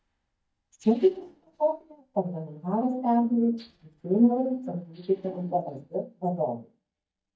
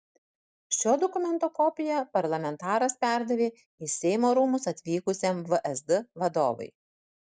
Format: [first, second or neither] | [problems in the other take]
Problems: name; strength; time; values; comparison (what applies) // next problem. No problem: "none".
second | noise reduction (neural mask model DeepFilterNet 3)